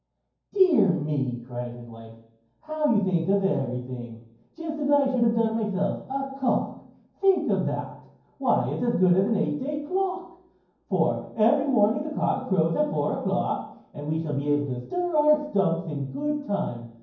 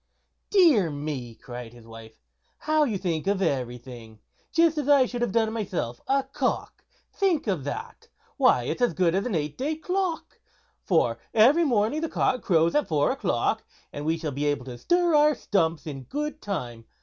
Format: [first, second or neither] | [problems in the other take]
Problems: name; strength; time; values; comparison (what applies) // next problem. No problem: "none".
second | room echo; dies away in 0.9 s